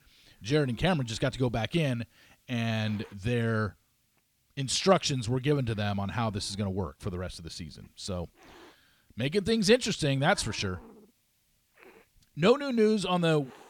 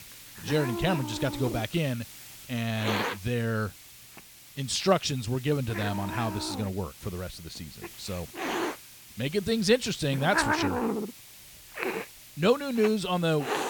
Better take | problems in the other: first | hiss; loud; throughout; 5 dB below the speech; faint in the first

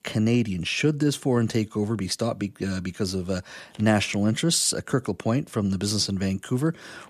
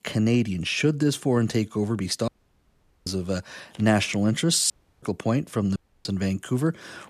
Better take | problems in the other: first | audio cutting out; at 2.5 s for 1 s, at 4.5 s and at 6 s

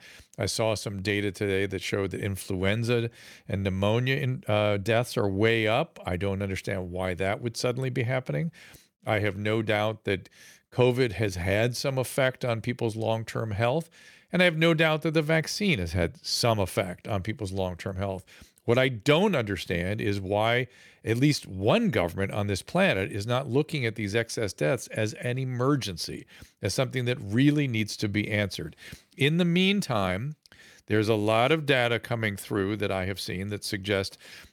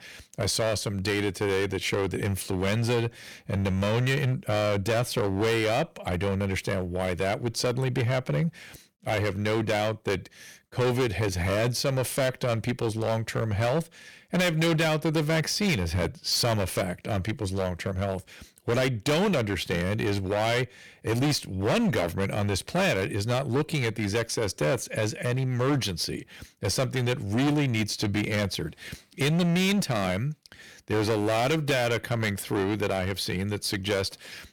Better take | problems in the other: first | distortion; heavy; 14% of the sound clipped

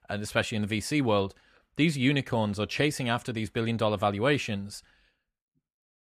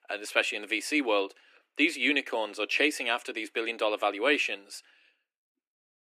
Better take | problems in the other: first | thin; somewhat; fading below 300 Hz

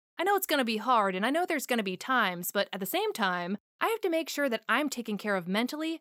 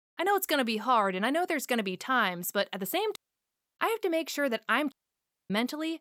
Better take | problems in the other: first | audio cutting out; at 3 s for 0.5 s and at 5 s for 0.5 s

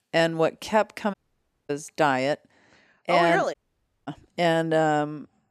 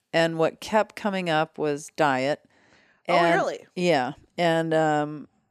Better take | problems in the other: second | audio cutting out; at 1 s for 0.5 s and at 3.5 s for 0.5 s

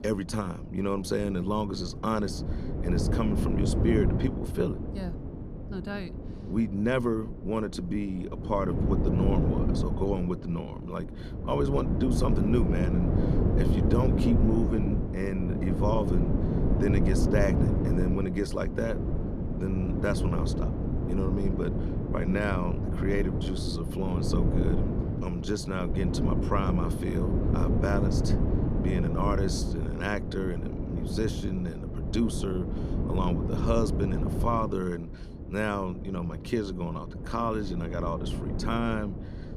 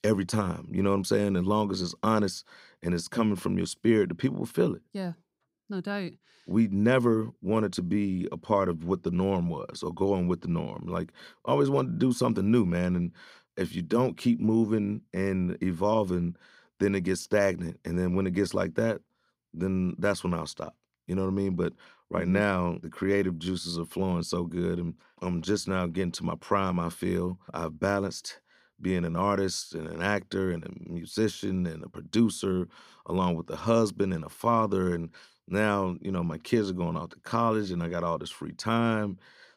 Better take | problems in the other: second | wind noise on the microphone; heavy; 4 dB below the speech

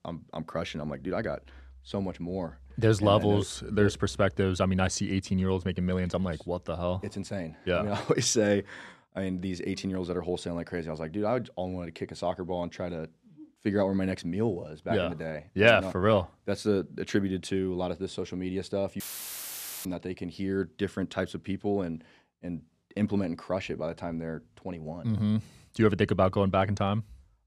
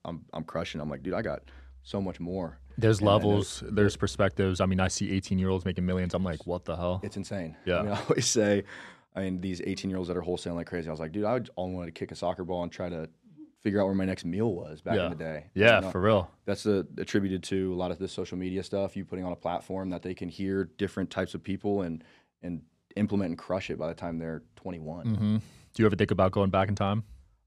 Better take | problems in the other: second | audio cutting out; filled with static; at 19 s for 1 s

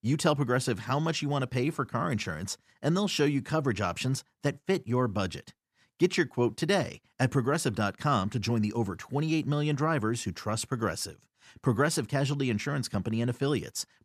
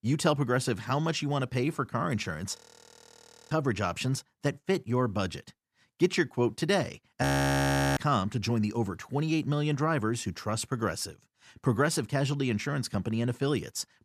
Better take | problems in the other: first | audio freezing; at 2.5 s for 1 s and at 7 s for 0.5 s

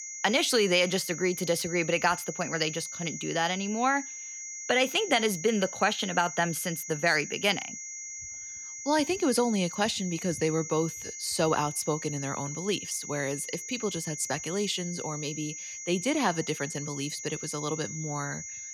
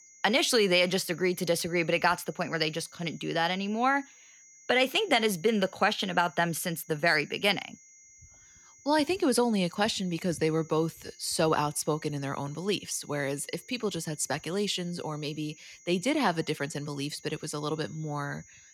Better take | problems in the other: second | high-pitched whine; loud; throughout; 6.5 kHz, 8 dB below the speech; faint in the second

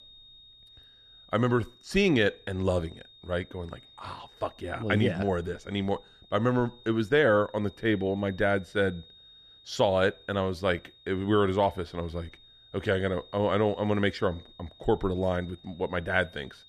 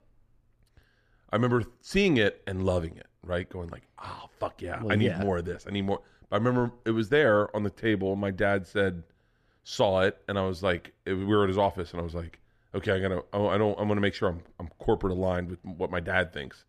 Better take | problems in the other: second | high-pitched whine; faint; throughout; 3.5 kHz, 25 dB below the speech

